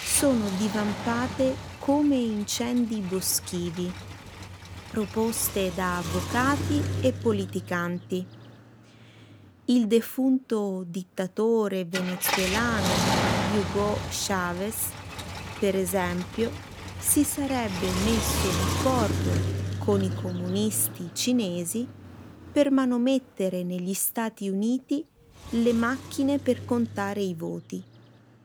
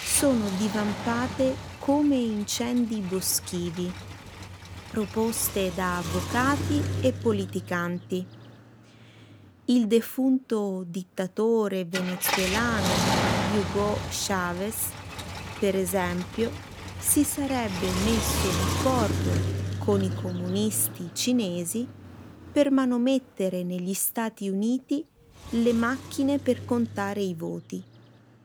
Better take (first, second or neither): neither